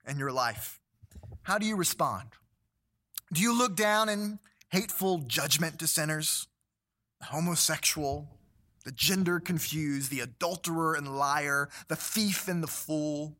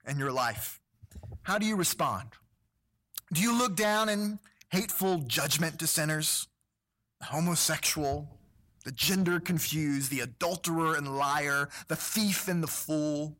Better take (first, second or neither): first